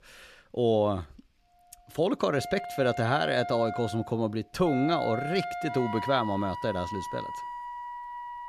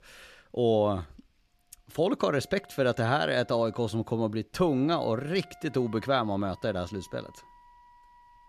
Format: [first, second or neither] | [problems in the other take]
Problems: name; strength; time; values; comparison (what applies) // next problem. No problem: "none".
second | background music; loud; from 2 s on; 8 dB below the speech; faint in the second